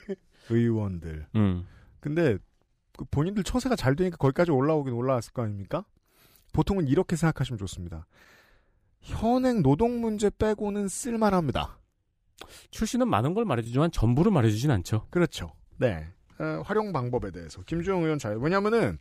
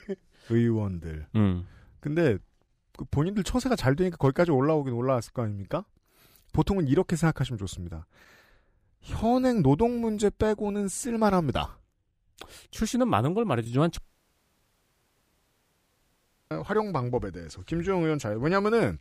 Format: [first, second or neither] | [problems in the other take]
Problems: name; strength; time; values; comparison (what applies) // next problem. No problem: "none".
first | audio cutting out; at 14 s for 2.5 s